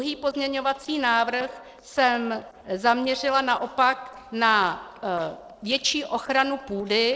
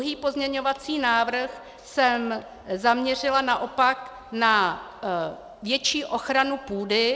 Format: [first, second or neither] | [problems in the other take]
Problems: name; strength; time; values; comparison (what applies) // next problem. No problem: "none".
second | noise reduction (neural separator model SepFormer DNS4)